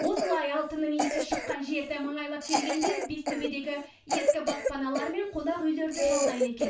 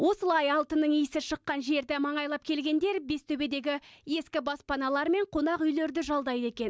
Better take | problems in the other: second | background sound (Cough); as loud as the speech // room echo; dies away in 0.3 s

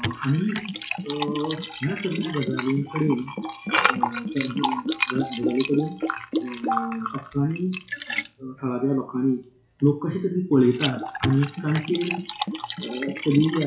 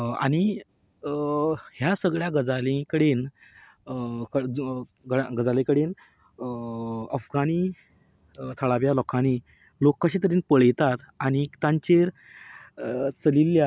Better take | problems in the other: second | noise reduction (classical method WPE with log-MMSE)

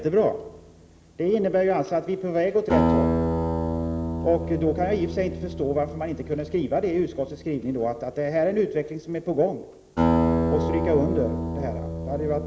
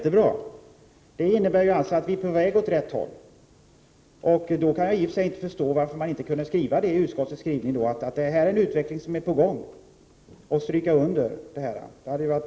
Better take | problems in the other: second | background sound (Acoustic guitar); 2 dB below the speech

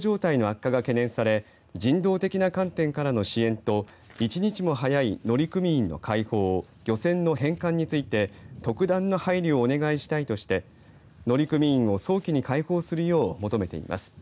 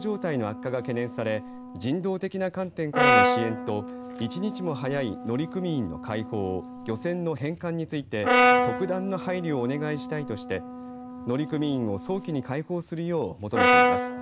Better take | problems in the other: first | background sound (Brass instrument); 2 dB above the speech

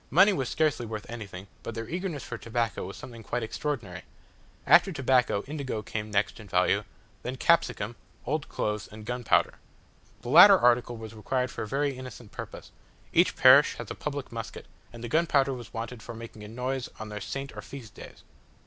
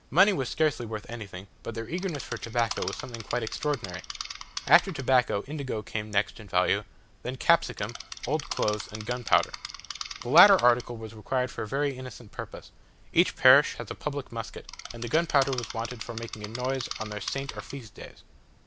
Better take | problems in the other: first | background sound (Insect); 11 dB below the speech

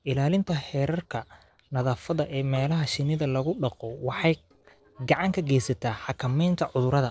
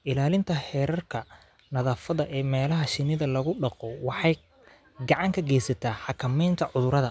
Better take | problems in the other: second | noise reduction (neural separator model SepFormer DNS4)

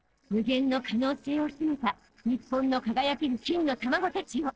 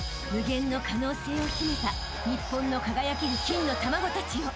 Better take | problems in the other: second | noise reduction (neural separator model SepFormer DNS4)

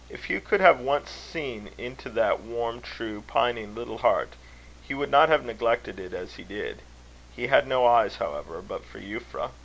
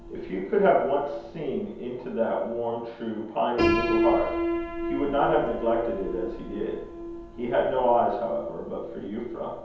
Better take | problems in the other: first | background sound (Piano); 5 dB below the speech // room echo; dies away in 0.9 s

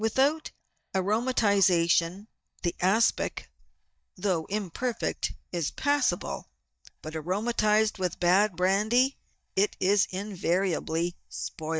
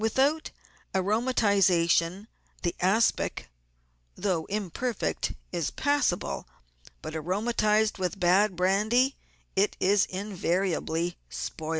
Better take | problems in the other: second | noise reduction (neural mask model DeepFilterNet 3)

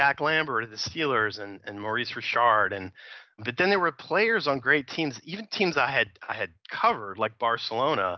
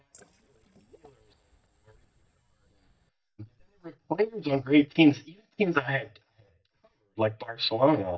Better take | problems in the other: first | noise reduction (neural mask model DeepFilterNet 3)

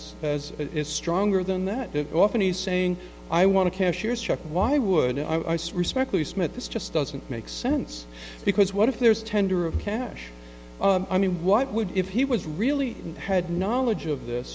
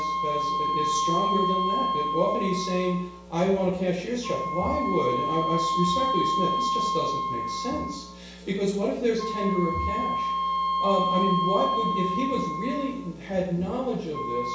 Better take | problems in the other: first | background sound (Wind instrument, woodwind instrument); as loud as the speech // room echo; dies away in 0.7 s

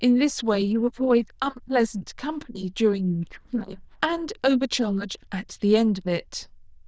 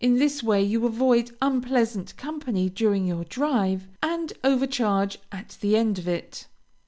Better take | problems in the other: second | noise reduction (neural diffusion model UNIVERSE++)

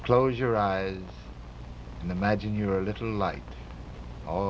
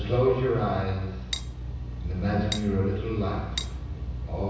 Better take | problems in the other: first | background sound (Cutlery, silverware); 12 dB below the speech // room echo; dies away in 1.1 s

